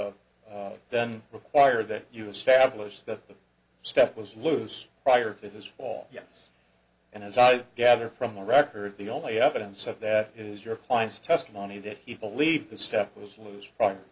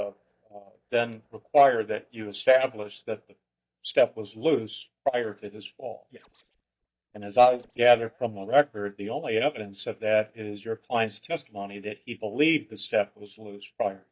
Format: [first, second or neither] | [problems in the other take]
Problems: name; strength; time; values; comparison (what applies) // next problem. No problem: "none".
first | noise reduction (neural mask model DeepFilterNet 3)